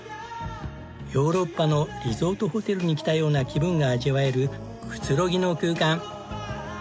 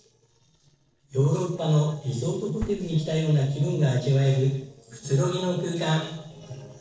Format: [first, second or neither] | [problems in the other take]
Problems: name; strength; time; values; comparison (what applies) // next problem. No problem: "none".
first | noise reduction (neural separator model SepFormer DNS4)